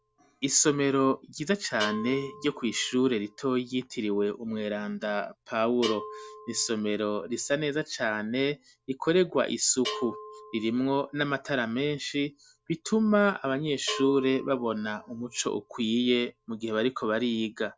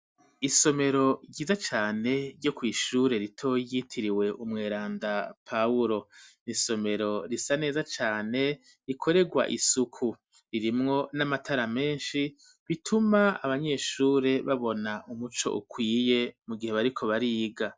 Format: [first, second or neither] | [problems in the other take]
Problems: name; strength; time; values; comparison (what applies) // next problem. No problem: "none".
second | background sound (Bell); 16 dB below the speech